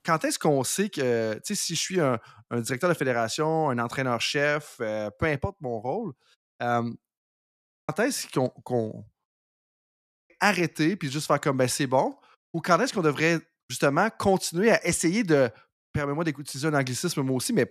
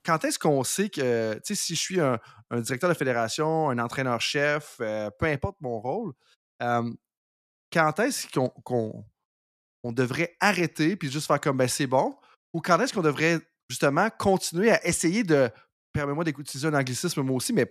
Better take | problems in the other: second | audio freezing; at 7.5 s and at 10 s for 0.5 s

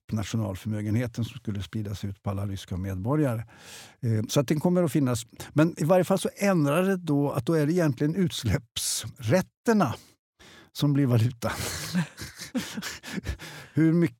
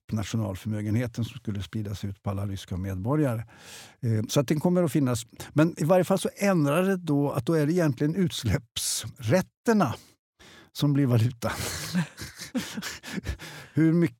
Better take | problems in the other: neither | none

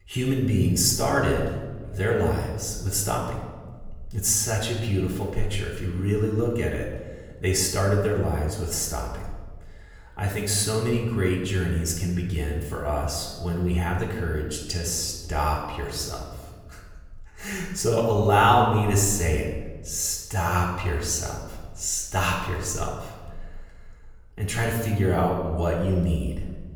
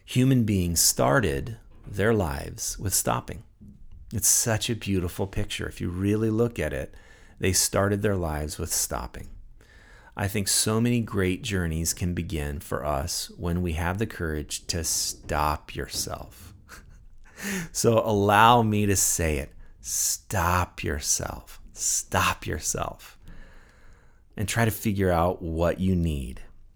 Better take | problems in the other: second | room echo; noticeable; dies away in 1.1 s // off-mic speech; far

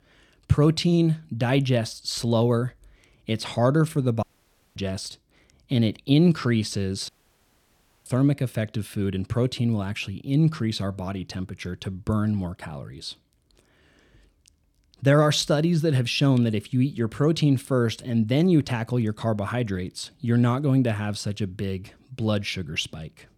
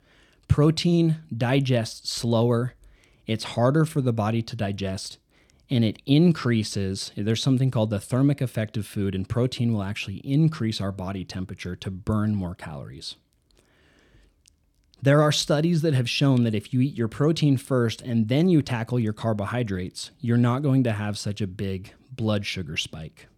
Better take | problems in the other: second | audio cutting out; at 4 s for 0.5 s and at 7 s for 1 s

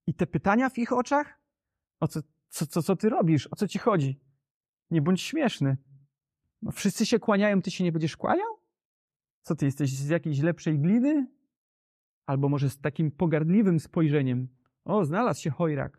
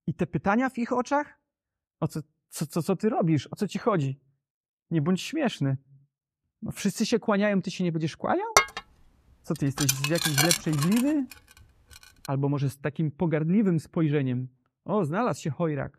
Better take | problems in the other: first | clattering dishes; loud; from 8.5 to 11 s; peak 5 dB above the speech

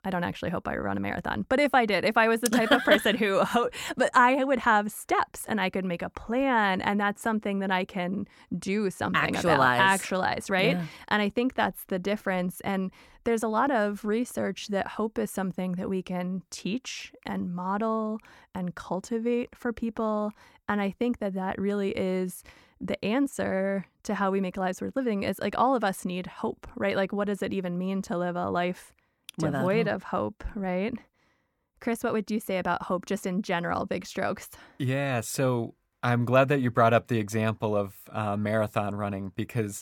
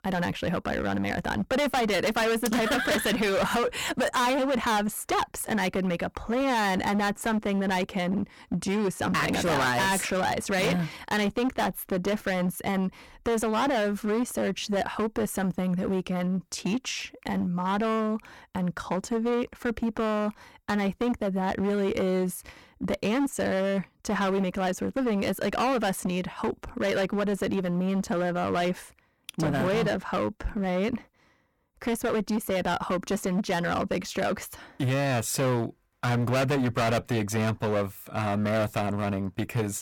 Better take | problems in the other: first | distortion; heavy; 19% of the sound clipped

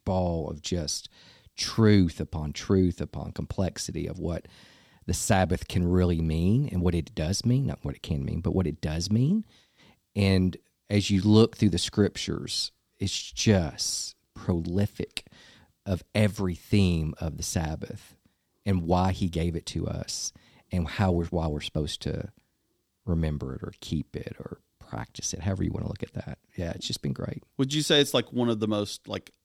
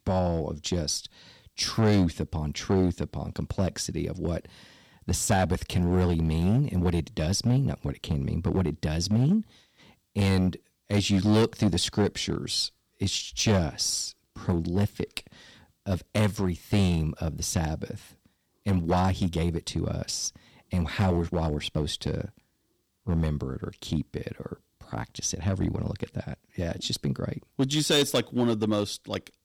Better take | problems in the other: first | distortion; slight; 4% of the sound clipped

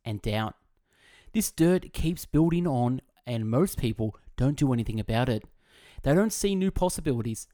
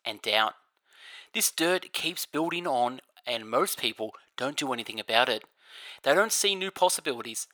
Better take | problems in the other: first | thin; very; fading below 700 Hz

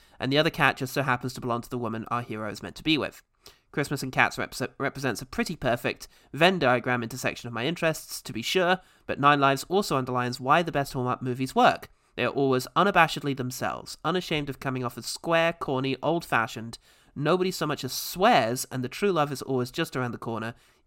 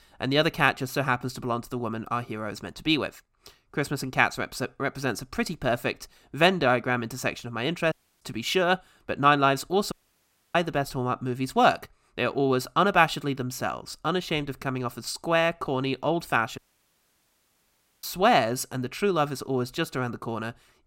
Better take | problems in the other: first | audio cutting out; at 8 s, at 10 s for 0.5 s and at 17 s for 1.5 s

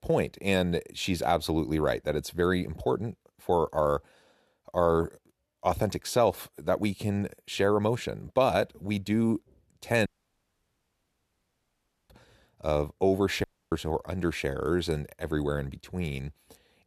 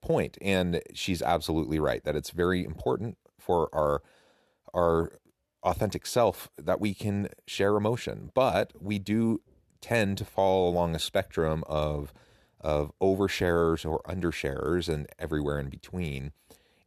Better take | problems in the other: second | audio cutting out; at 10 s for 2 s and at 13 s

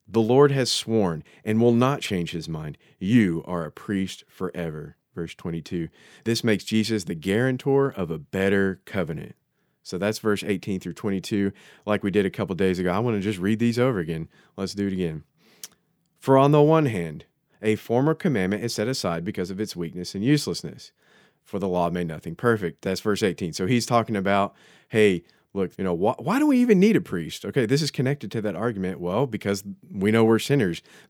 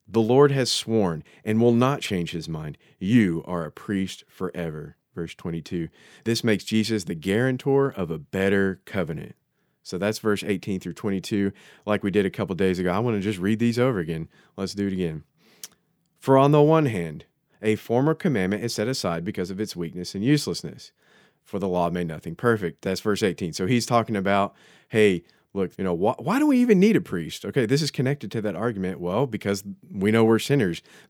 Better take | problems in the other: neither | none

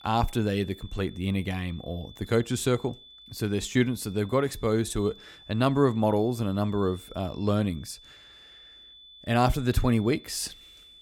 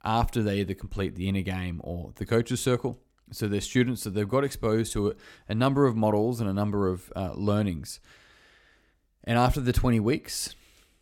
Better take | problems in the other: second | high-pitched whine; faint; throughout; 3.5 kHz, 20 dB below the speech

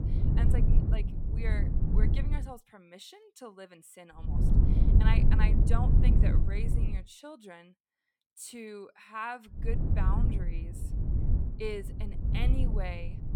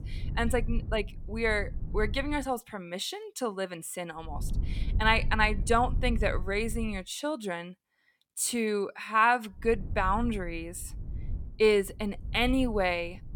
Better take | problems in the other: second | low rumble; loud; until 2.5 s, from 4.5 to 7 s and from 9.5 s on; 1 dB below the speech; faint in the second

